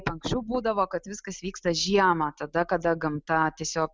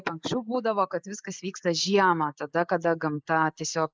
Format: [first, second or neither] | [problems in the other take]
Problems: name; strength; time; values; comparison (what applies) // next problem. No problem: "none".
first | noise reduction (neural mask model Resemble Enhance denoiser)